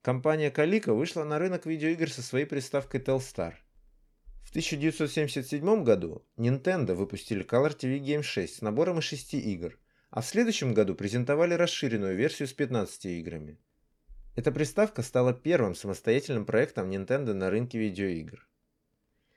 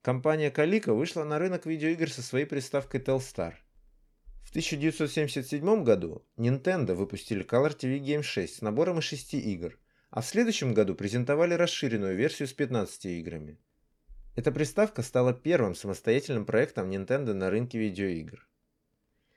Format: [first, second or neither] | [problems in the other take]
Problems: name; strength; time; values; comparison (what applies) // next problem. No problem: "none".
neither | none